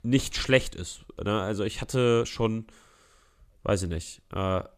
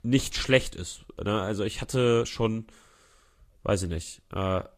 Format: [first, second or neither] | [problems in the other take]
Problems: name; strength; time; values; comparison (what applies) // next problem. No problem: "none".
first | garbled, watery; slightly; nothing above 15 kHz